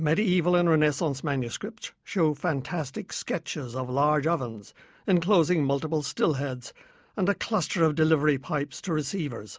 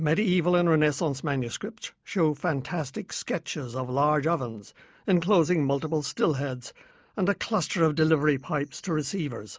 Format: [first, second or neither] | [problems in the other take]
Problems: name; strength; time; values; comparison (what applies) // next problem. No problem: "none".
first | noise reduction (neural mask model Resemble Enhance denoiser)